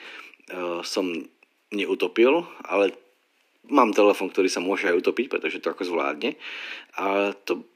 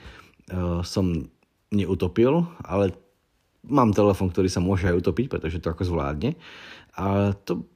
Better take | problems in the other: second | thin; somewhat; fading below 250 Hz

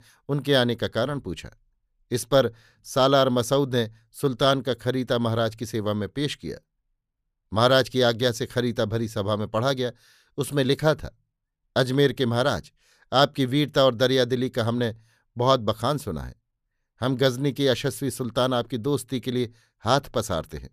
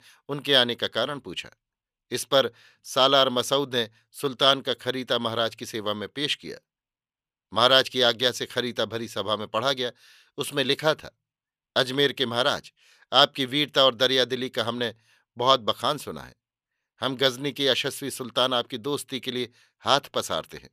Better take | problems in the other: first | thin; very slightly; fading below 850 Hz

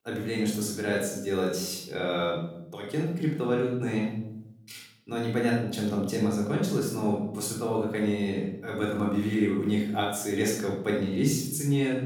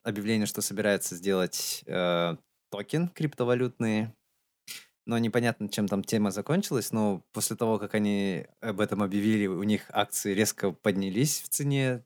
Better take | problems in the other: second | off-mic speech; far // room echo; noticeable; dies away in 0.8 s

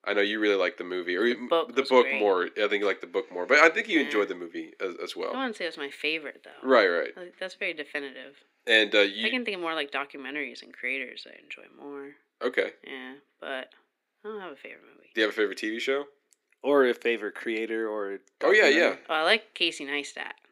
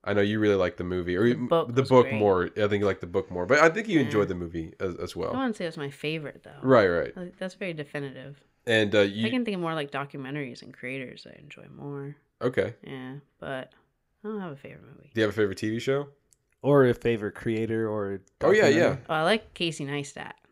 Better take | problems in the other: second | thin; somewhat; fading below 250 Hz

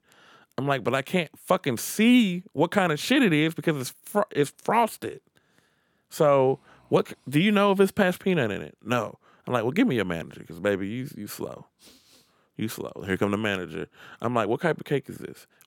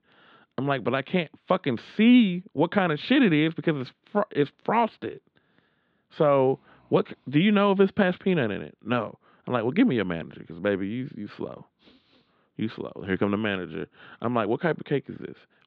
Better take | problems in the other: first | muffled; slightly; fading above 3.5 kHz

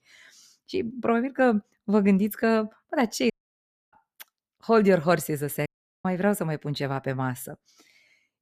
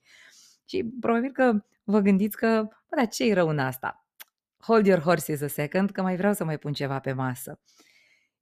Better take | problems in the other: second | audio cutting out; at 3.5 s for 0.5 s and at 5.5 s

